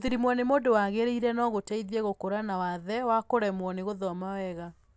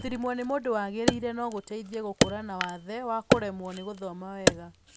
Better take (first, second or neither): first